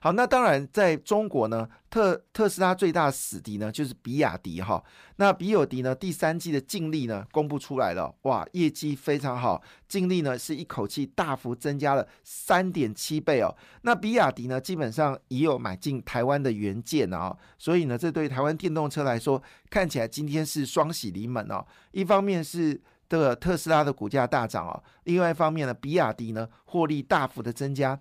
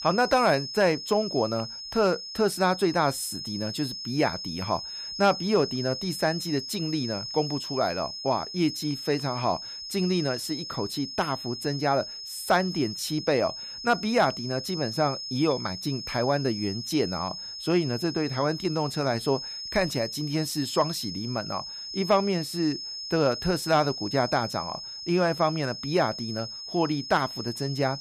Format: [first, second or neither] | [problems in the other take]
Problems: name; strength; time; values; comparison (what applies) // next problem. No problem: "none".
first | high-pitched whine; loud; throughout; 5 kHz, 7 dB below the speech